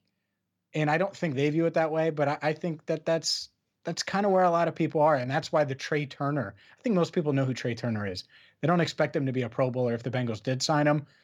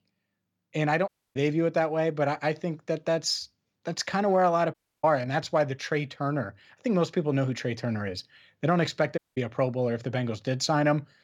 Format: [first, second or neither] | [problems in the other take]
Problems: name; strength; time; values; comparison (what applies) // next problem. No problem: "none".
first | audio cutting out; at 1 s, at 4.5 s and at 9 s